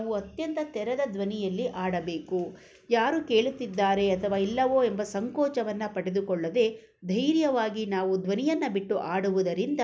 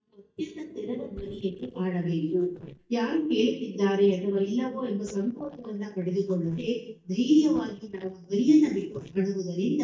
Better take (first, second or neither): first